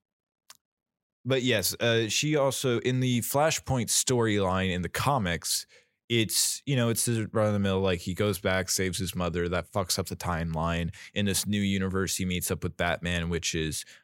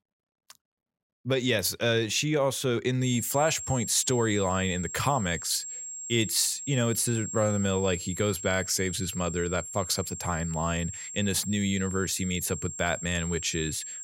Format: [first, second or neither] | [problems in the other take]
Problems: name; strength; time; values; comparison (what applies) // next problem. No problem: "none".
first | high-pitched whine; loud; from 3 s on; 7.5 kHz, 8 dB below the speech